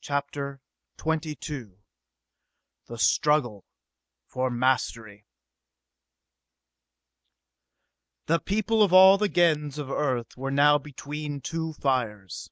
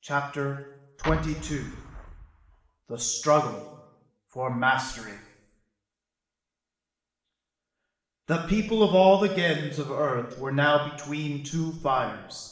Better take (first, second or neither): first